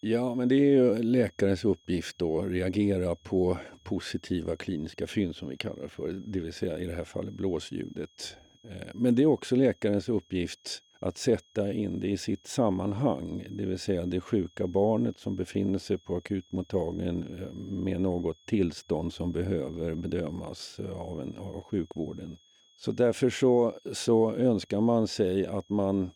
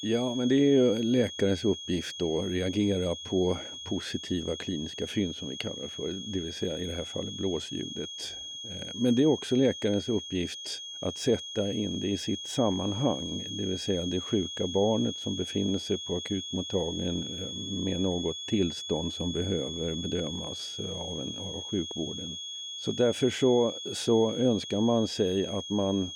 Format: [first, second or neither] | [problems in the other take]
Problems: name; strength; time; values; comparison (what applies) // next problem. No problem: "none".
first | high-pitched whine; loud; throughout; 3.5 kHz, 7 dB below the speech; faint in the first